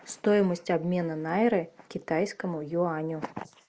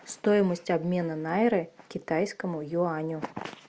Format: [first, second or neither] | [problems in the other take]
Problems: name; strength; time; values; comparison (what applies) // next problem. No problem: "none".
second | noise reduction (neural mask model Resemble Enhance denoiser)